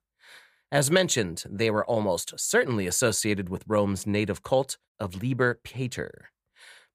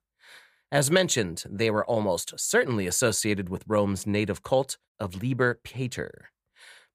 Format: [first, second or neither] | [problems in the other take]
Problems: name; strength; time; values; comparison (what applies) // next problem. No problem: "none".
neither | none